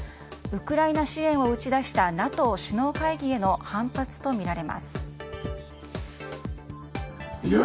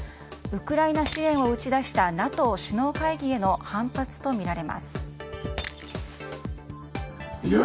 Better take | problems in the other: first | background sound (Shatter); 19 dB below the speech

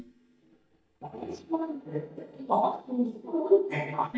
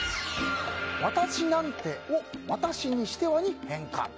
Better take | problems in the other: second | noise reduction (neural mask model DeepFilterNet 3)

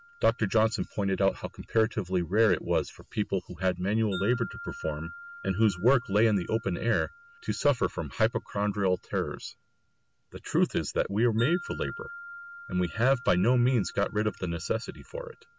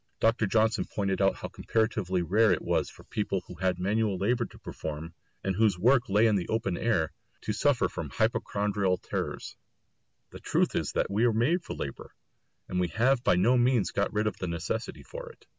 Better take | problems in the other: second | background sound (Wind chime); 19 dB below the speech

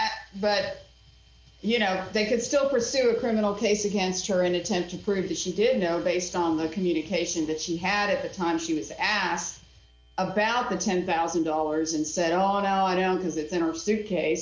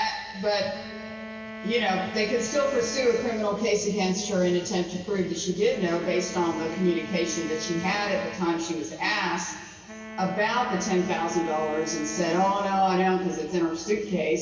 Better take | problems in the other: first | background sound (Wind instrument, woodwind instrument); 13 dB below the speech // room echo; dies away in 2.4 s

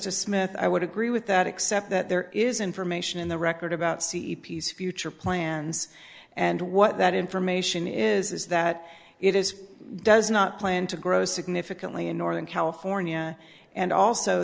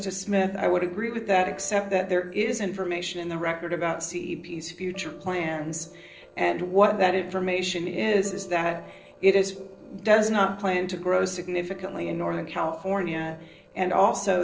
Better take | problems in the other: first | noise reduction (neural separator model SepFormer DNS4)

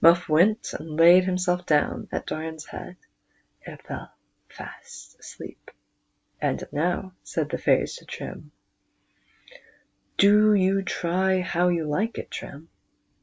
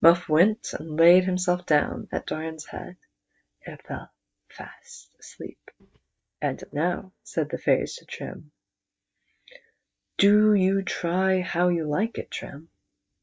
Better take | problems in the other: first | noise reduction (neural mask model DeepFilterNet 3)

